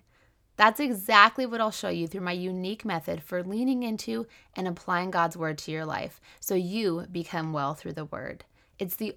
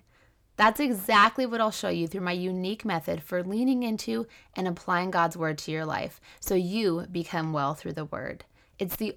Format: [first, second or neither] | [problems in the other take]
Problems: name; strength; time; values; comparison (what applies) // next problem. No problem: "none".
first | distortion; slight; 10 dB below the speech